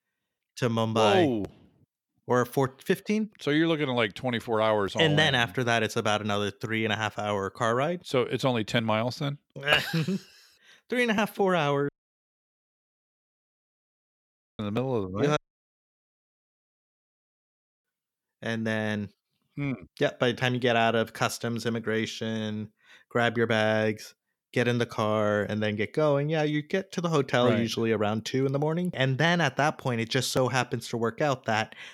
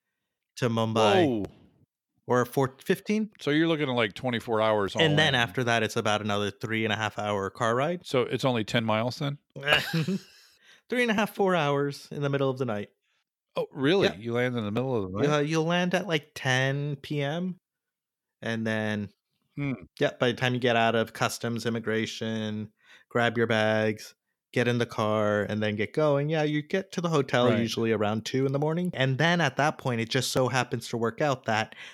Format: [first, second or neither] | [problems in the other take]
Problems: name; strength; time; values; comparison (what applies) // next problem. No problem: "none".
second | audio cutting out; at 12 s for 2.5 s and at 15 s for 2.5 s